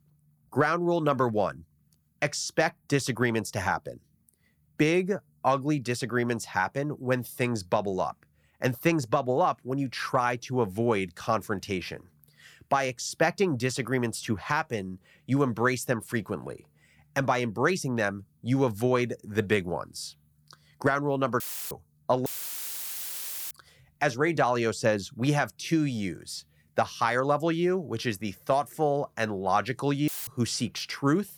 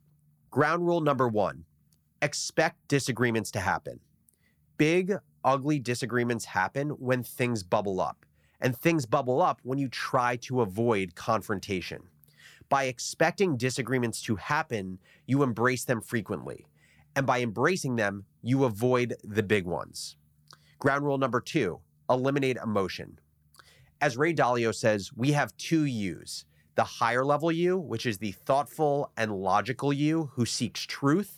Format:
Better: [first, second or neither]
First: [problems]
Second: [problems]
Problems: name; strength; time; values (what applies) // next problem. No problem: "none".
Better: second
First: audio cutting out; filled with static; at 21 s, at 22 s for 1.5 s and at 30 s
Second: none